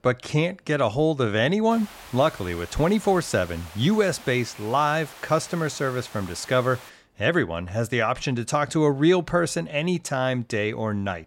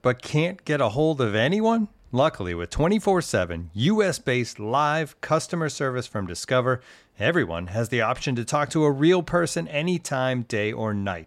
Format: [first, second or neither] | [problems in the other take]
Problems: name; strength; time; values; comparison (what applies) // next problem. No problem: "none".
second | hiss; noticeable; from 1.5 to 7 s; 20 dB below the speech